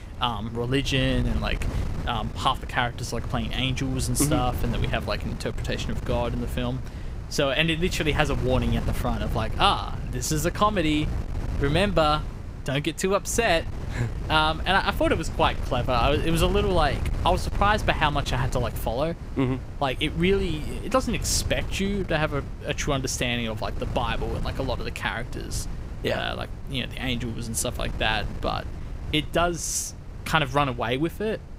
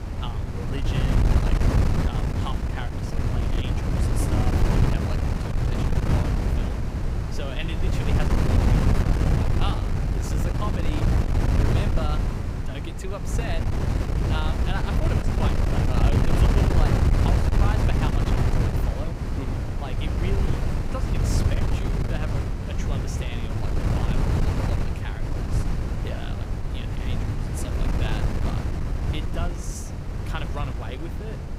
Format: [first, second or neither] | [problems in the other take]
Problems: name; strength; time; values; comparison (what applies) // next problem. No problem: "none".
first | wind noise on the microphone; heavy; 4 dB above the speech; occasional gusts in the first